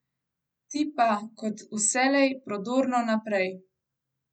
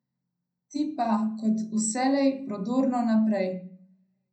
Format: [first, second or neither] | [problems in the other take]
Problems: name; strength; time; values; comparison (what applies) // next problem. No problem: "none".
first | room echo; dies away in 0.5 s